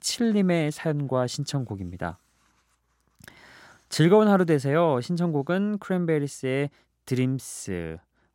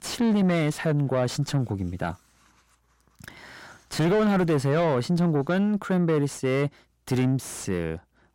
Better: first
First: none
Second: distortion; heavy; 7 dB below the speech

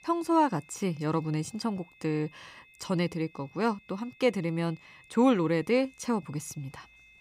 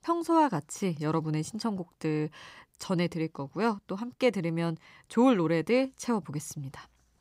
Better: second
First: high-pitched whine; faint; throughout; 2.5 kHz, 25 dB below the speech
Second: none

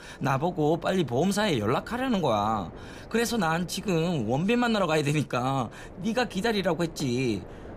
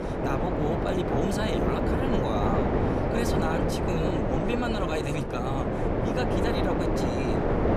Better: first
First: wind noise on the microphone; occasional gusts; 20 dB below the speech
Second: wind noise on the microphone; heavy; 4 dB above the speech

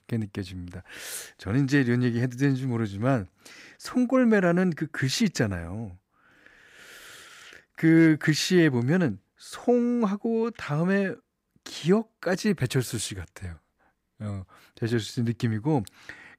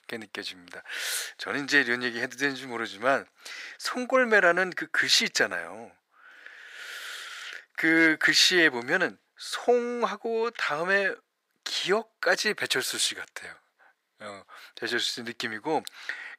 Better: first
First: none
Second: thin; very; fading below 600 Hz

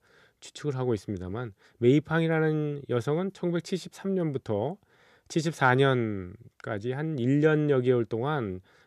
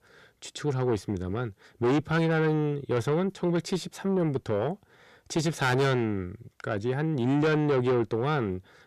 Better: first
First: none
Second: distortion; heavy; 8 dB below the speech

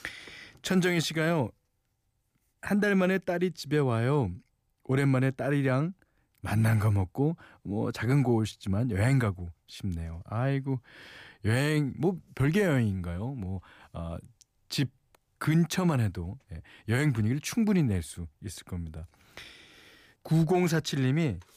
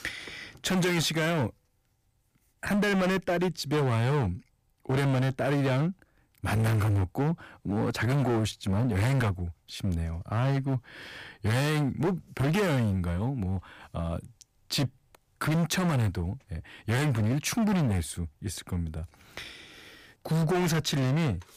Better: first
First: none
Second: distortion; heavy; 19% of the sound clipped

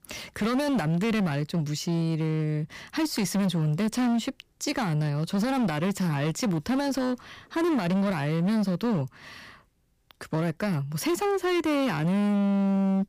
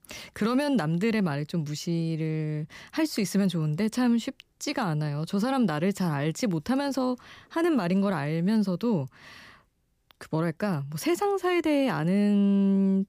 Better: second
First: distortion; slight; 22% of the sound clipped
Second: none

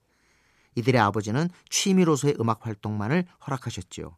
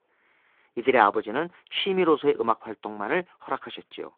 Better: first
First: none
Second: phone-call audio

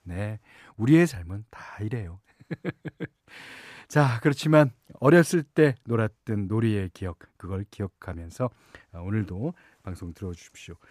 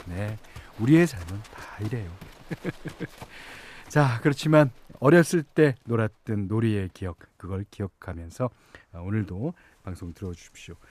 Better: first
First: none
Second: animal sounds; faint; throughout; 25 dB below the speech

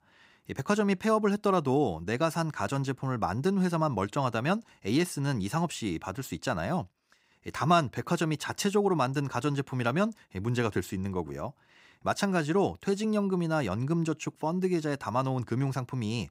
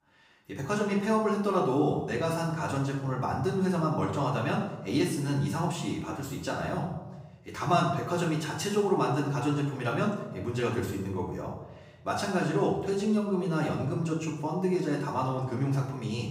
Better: first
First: none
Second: room echo; noticeable; dies away in 0.8 s // off-mic speech; far

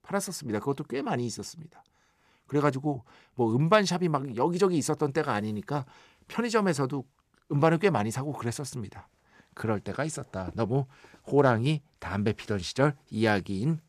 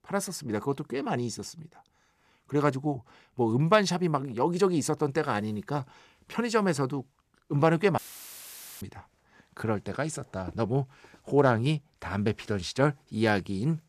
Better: first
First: none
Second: audio cutting out; filled with static; at 8 s for 1 s

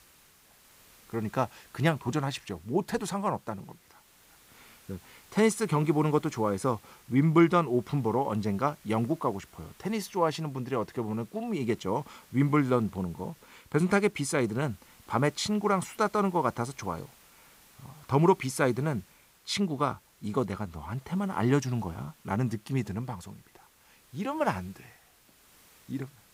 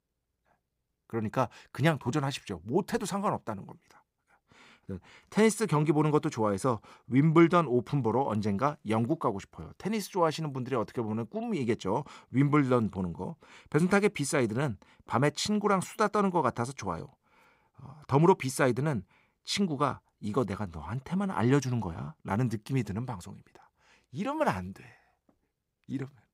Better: second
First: hiss; faint; throughout; 25 dB below the speech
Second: none

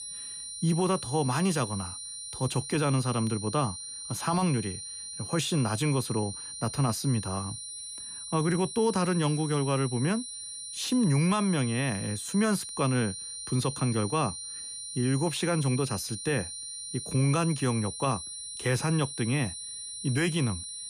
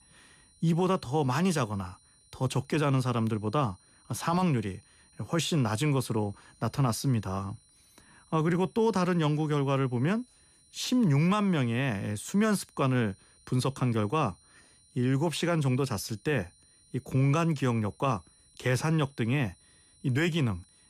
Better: second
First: high-pitched whine; loud; throughout; 9.5 kHz, 8 dB below the speech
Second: high-pitched whine; faint; throughout; 9.5 kHz, 30 dB below the speech

